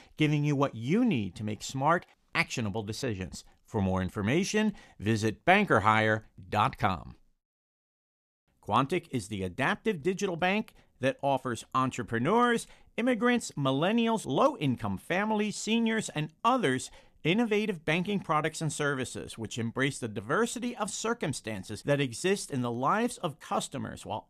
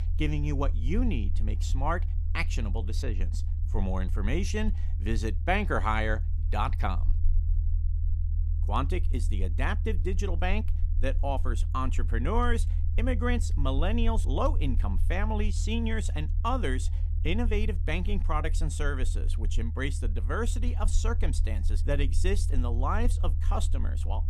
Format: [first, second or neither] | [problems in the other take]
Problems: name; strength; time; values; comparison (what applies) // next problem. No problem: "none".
first | low rumble; noticeable; throughout; 15 dB below the speech